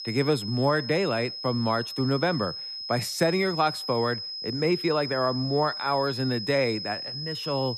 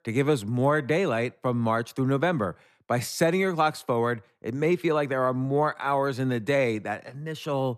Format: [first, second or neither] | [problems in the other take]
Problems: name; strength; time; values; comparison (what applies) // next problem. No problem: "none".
second | high-pitched whine; loud; throughout; 5 kHz, 6 dB below the speech